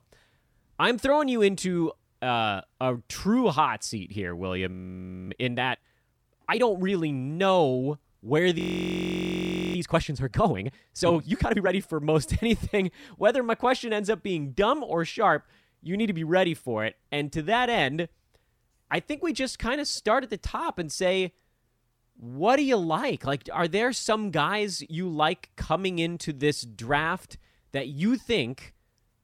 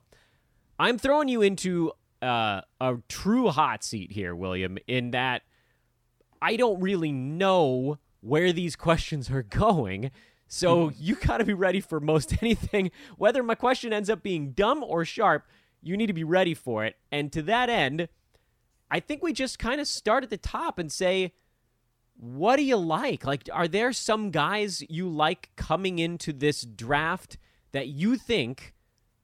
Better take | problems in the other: second | audio freezing; at 4.5 s for 0.5 s and at 8.5 s for 1 s

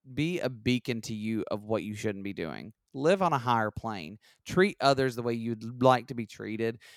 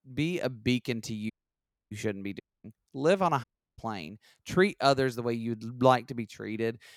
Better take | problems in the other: first | audio cutting out; at 1.5 s for 0.5 s, at 2.5 s and at 3.5 s

